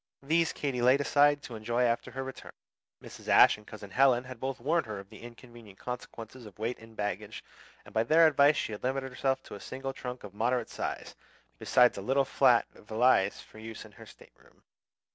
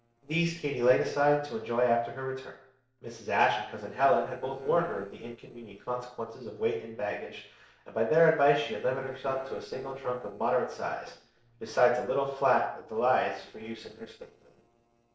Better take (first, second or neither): first